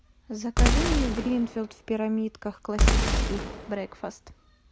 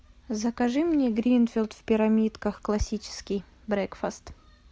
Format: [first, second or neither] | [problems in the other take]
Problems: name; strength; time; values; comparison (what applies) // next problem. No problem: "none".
second | background sound (Boom); 5 dB above the speech